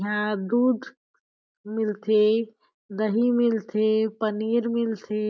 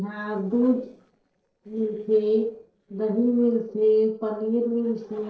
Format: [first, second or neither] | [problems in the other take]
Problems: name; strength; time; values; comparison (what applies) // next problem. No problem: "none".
first | noise reduction (neural separator model SepFormer DNS4)